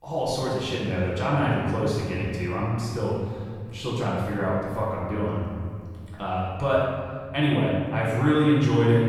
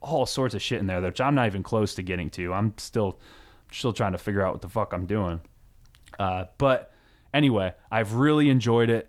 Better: second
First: room echo; strong; dies away in 2.1 s // off-mic speech; far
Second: none

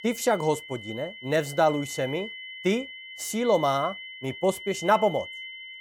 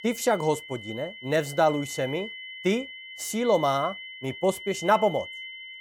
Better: neither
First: high-pitched whine; noticeable; throughout; 2 kHz, 10 dB below the speech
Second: high-pitched whine; noticeable; throughout; 2 kHz, 10 dB below the speech

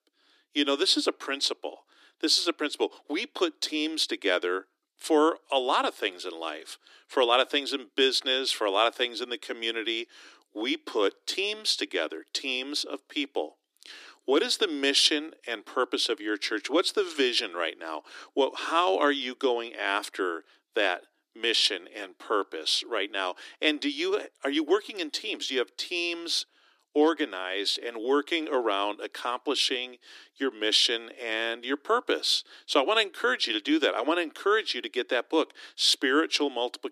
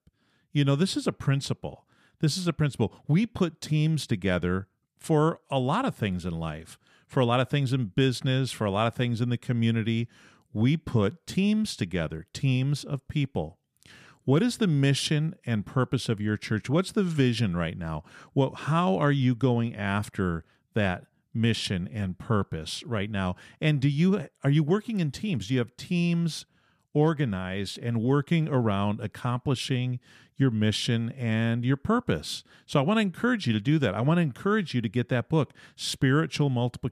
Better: second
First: thin; very; fading below 300 Hz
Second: none

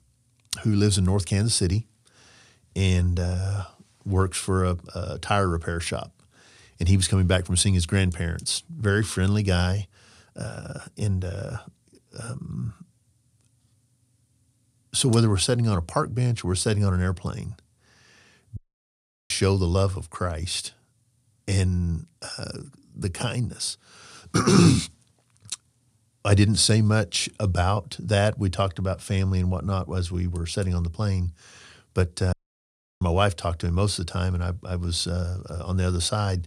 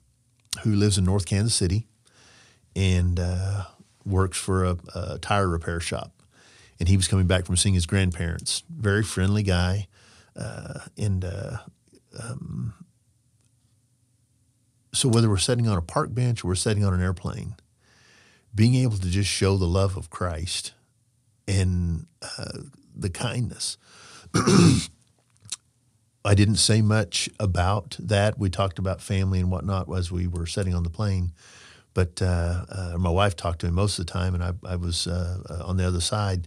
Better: second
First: audio cutting out; at 19 s for 0.5 s and at 32 s for 0.5 s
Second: none

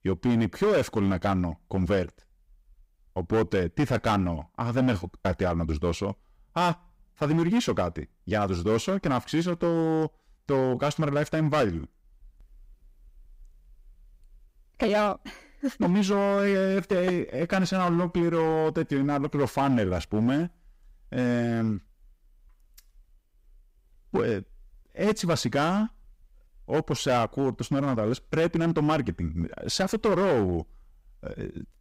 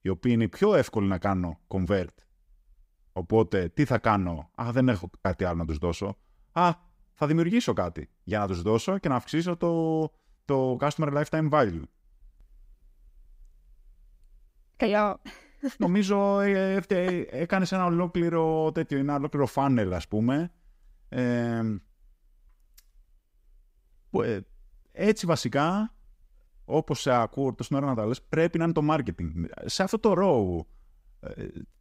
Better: second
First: distortion; slight; 7% of the sound clipped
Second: none

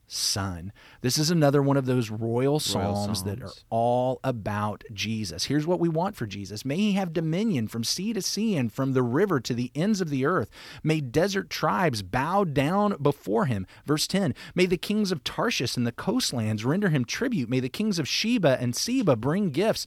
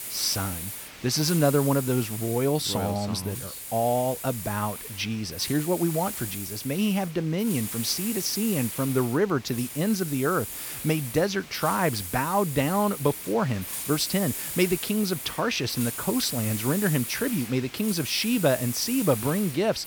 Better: first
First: none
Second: hiss; loud; throughout; 7 dB below the speech

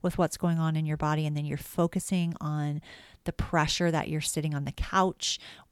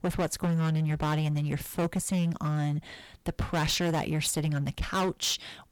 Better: first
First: none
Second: distortion; heavy; 18% of the sound clipped

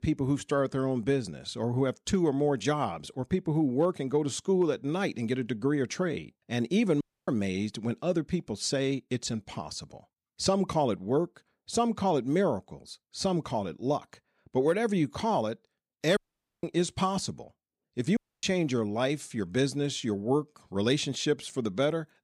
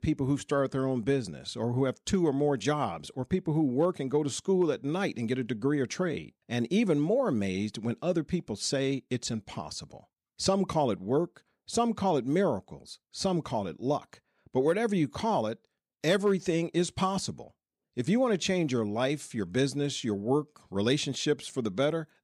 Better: second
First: audio cutting out; at 7 s, at 16 s and at 18 s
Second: none

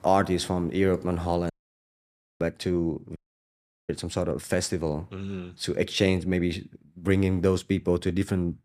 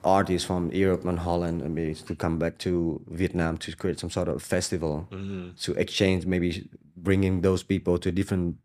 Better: second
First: audio cutting out; at 1.5 s for 1 s and at 3 s for 0.5 s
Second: none

